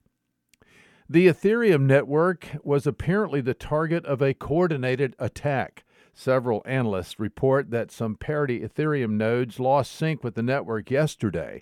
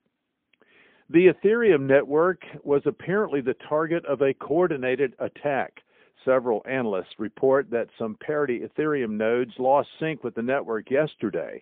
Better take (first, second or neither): first